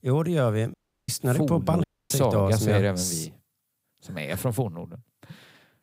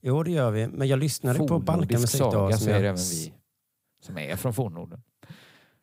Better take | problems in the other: second | audio cutting out; at 0.5 s and at 2 s

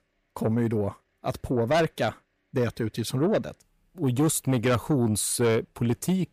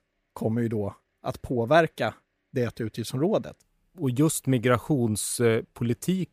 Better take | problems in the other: second | distortion; slight; 10 dB below the speech

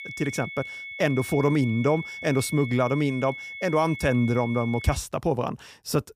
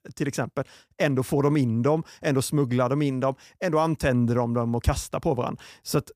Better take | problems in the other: second | high-pitched whine; noticeable; until 5 s; 2 kHz, 10 dB below the speech

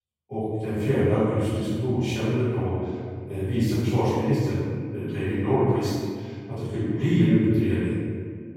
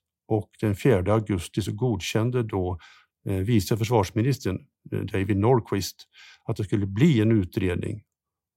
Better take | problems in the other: second | off-mic speech; far // room echo; strong; dies away in 1.9 s

